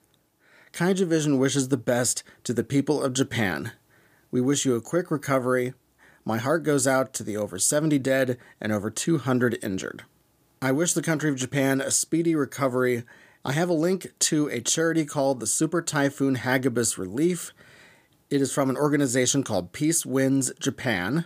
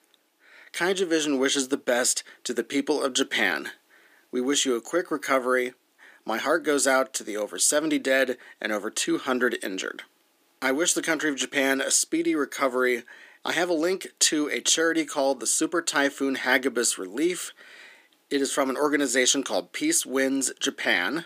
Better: first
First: none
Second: thin; very slightly; fading below 250 Hz

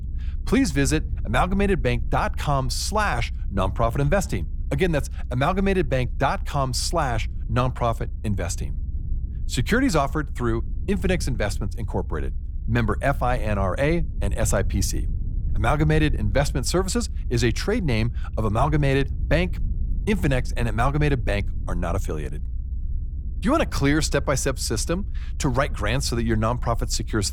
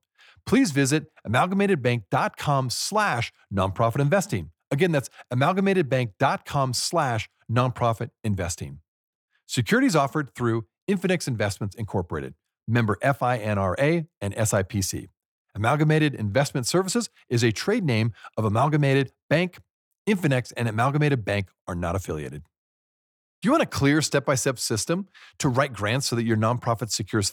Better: second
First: low rumble; faint; throughout; 25 dB below the speech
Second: none

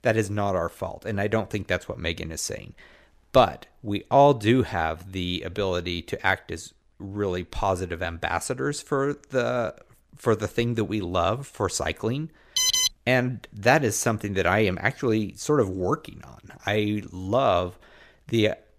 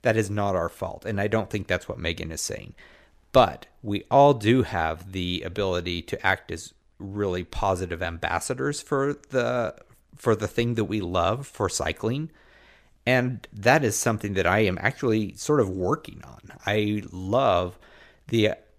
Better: second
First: alarm; loud; at 13 s; peak 6 dB above the speech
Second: none

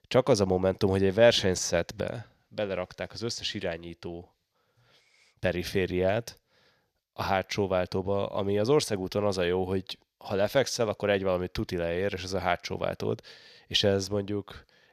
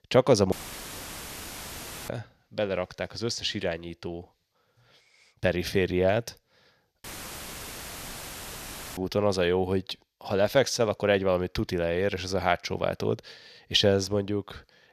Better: first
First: none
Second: audio cutting out; filled with static; at 0.5 s for 1.5 s and at 7 s for 2 s

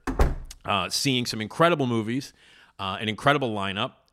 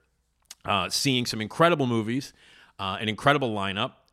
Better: second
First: door banging; noticeable; at the start; peak 2 dB below the speech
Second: none

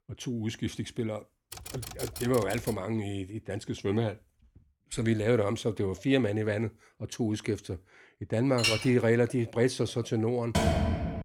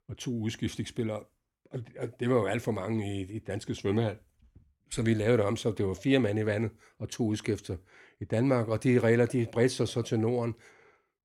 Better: second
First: keyboard typing; noticeable; from 1.5 to 3 s; peak 9 dB below the speech // clattering dishes; loud; at 8.5 s; peak 2 dB above the speech // door banging; loud; at 11 s; peak 3 dB above the speech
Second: none

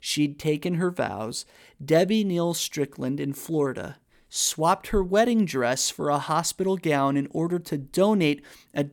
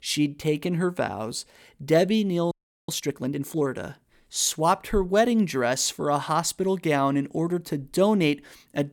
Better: first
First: none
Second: audio freezing; at 2.5 s

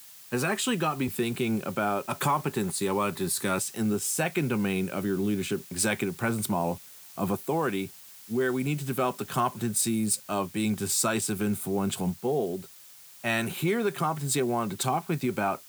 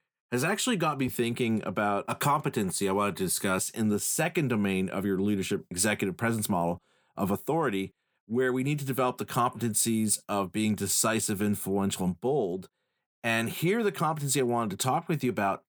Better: second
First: hiss; noticeable; throughout; 20 dB below the speech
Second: none

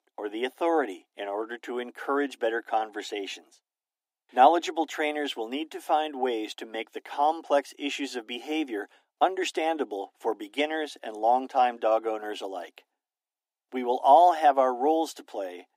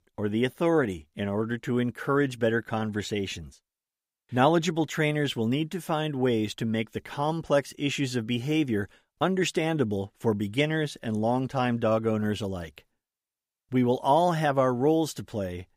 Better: second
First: thin; very; fading below 250 Hz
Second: none

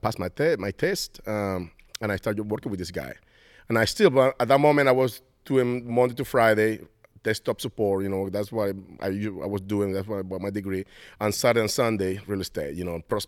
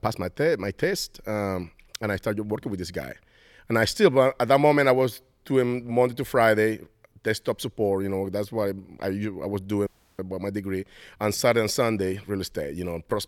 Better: first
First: none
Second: audio cutting out; at 10 s

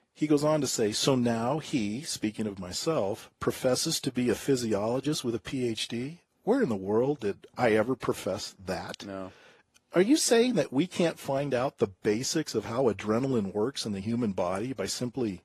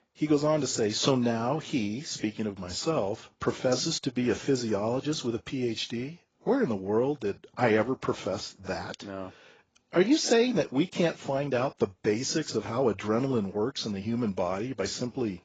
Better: first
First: garbled, watery; slightly; nothing above 12.5 kHz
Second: garbled, watery; badly; nothing above 7.5 kHz

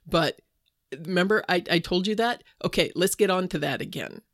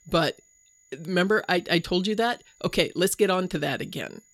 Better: first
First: none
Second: high-pitched whine; faint; throughout; 7 kHz, 30 dB below the speech

